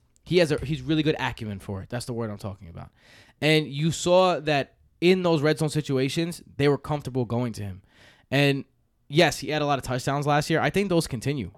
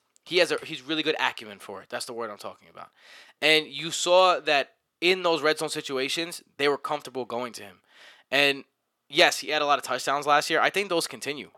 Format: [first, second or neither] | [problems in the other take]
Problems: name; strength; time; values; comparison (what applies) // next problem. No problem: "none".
first | thin; very; fading below 500 Hz